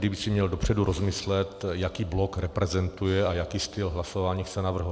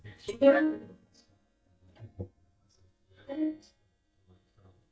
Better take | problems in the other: first | noise reduction (neural mask model DeepFilterNet 3)

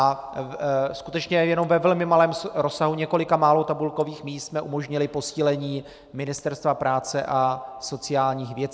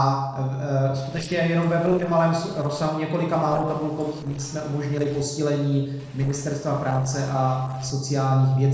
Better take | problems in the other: first | noise reduction (neural separator model SepFormer DNS4)

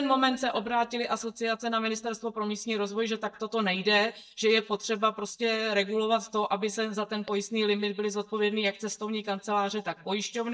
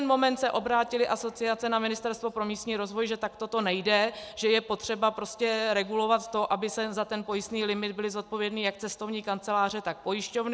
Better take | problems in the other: second | noise reduction (neural mask model DeepFilterNet 3)

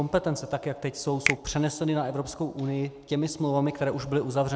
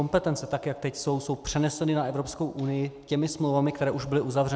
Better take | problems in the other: second | background sound (Finger snapping); 8 dB below the speech

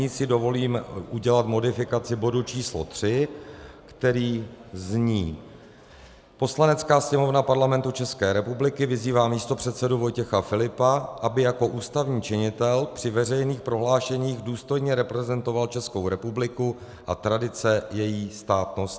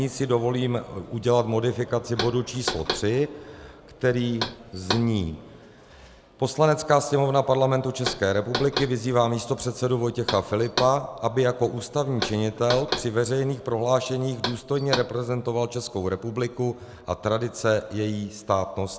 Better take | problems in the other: first | background sound (Knock); 9 dB below the speech

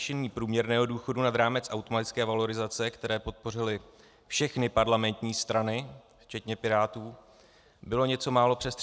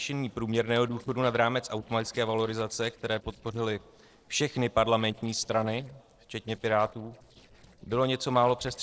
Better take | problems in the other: first | noise reduction (neural separator model SepFormer DNS4)

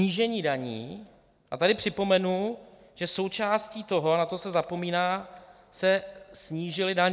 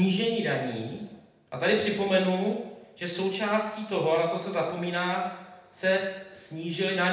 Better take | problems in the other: first | room echo; dies away in 0.8 s

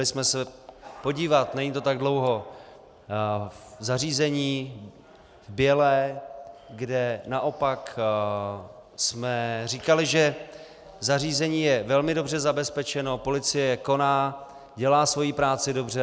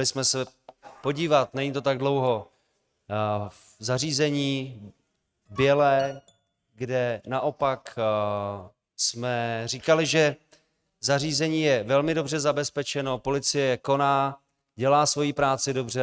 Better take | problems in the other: first | noise reduction (neural mask model RNNoise)

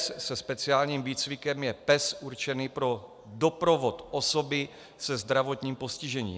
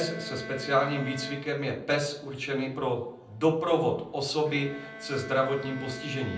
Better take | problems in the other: first | background sound (Bowed string instrument); 14 dB below the speech // room echo; dies away in 0.6 s

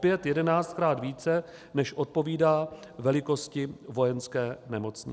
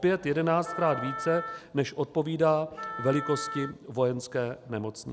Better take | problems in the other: first | background sound (Wind instrument, woodwind instrument); 11 dB below the speech

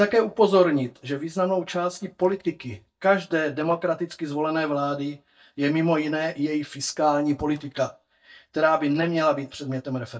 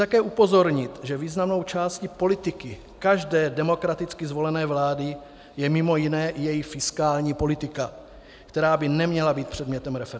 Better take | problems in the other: second | noise reduction (neural mask model DeepFilterNet 3)

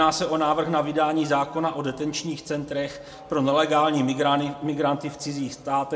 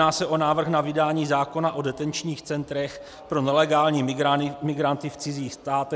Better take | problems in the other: second | room echo; dies away in 1 s

